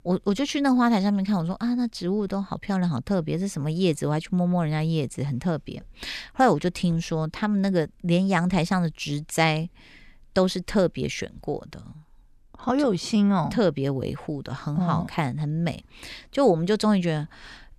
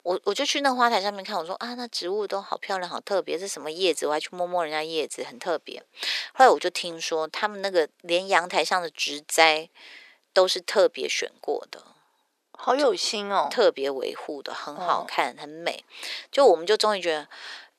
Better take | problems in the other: first | thin; very; fading below 400 Hz

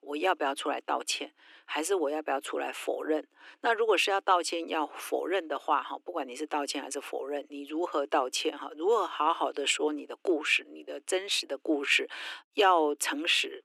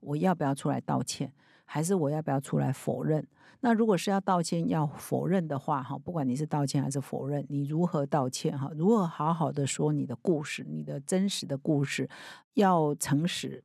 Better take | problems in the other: second | thin; very; fading below 300 Hz

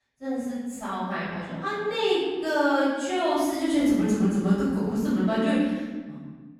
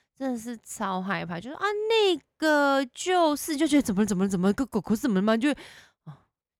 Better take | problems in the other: second | off-mic speech; far // room echo; strong; dies away in 1.4 s

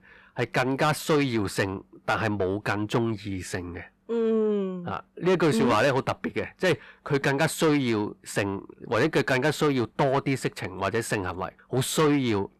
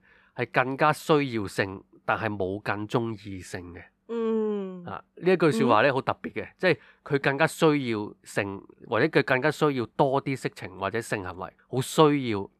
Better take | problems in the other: second | distortion; heavy; 7 dB below the speech

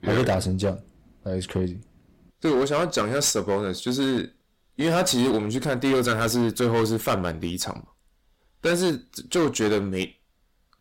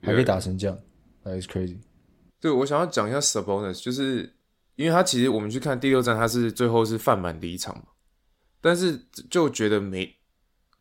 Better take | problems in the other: second | distortion; heavy; 11% of the sound clipped

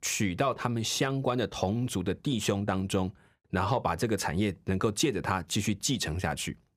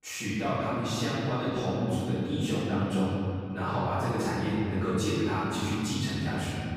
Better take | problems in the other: first | room echo; strong; dies away in 2.7 s // off-mic speech; far

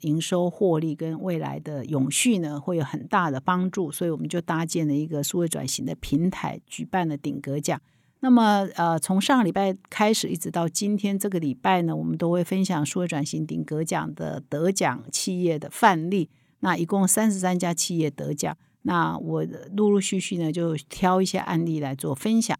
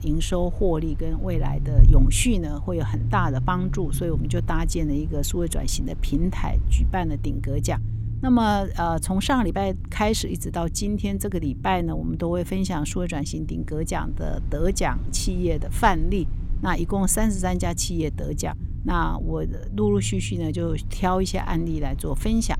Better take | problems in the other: first | low rumble; noticeable; throughout; 15 dB below the speech

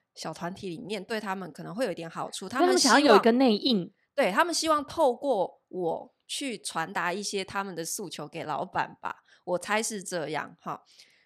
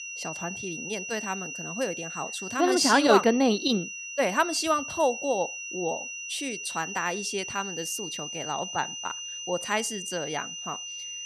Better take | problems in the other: first | high-pitched whine; loud; throughout; 3 kHz, 7 dB below the speech

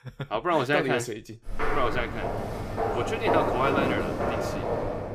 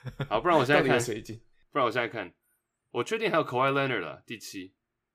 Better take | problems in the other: second | footsteps; loud; from 1.5 s on; peak 3 dB above the speech

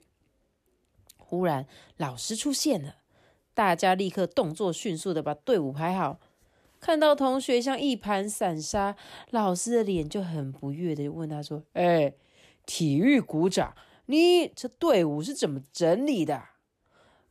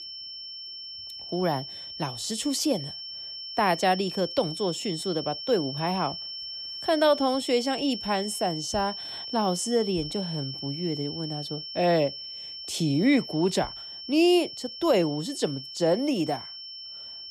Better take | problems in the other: first | high-pitched whine; loud; throughout; 5.5 kHz, 8 dB below the speech

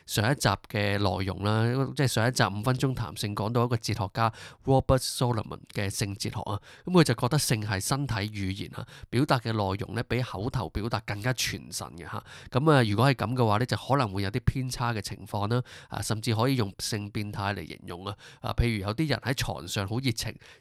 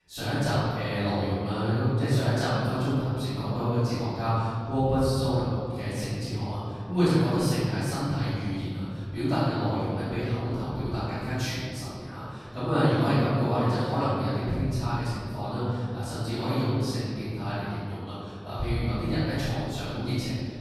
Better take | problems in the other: first | off-mic speech; far // room echo; strong; dies away in 2.5 s

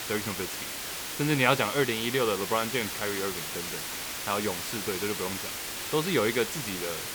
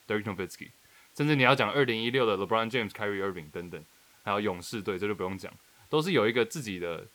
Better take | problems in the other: second | hiss; loud; throughout; 4 dB below the speech; faint in the second

